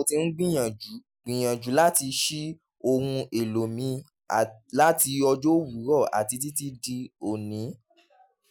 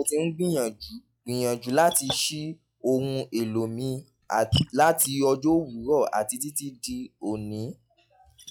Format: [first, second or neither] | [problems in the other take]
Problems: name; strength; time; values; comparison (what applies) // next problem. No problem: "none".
first | noise reduction (classical method log-MMSE)